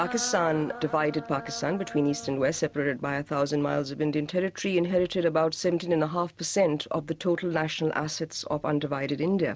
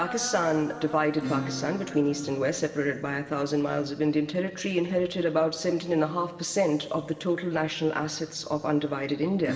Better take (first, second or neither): first